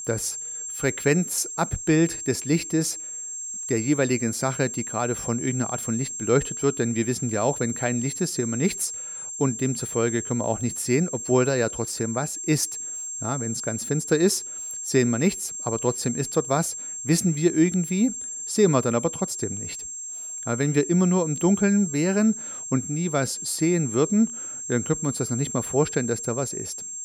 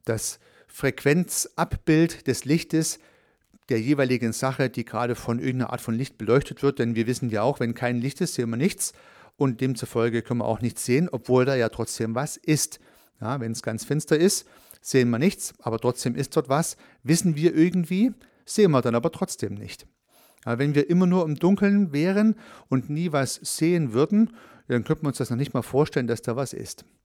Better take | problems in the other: second | high-pitched whine; loud; throughout; 7.5 kHz, 6 dB below the speech

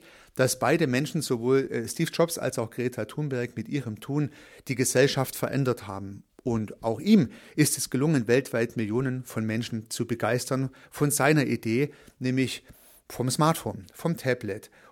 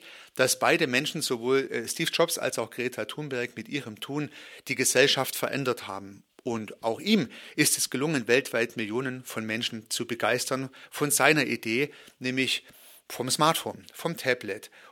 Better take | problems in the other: first | thin; very slightly; fading below 900 Hz

